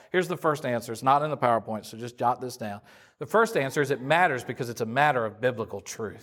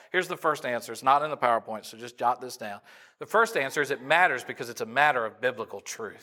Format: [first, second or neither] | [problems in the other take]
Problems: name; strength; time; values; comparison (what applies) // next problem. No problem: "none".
first | thin; somewhat; fading below 500 Hz